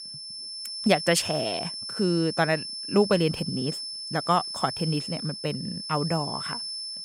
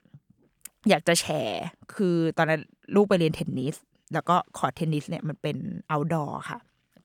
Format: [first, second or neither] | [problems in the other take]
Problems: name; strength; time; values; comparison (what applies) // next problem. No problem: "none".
second | high-pitched whine; loud; throughout; 5.5 kHz, 6 dB below the speech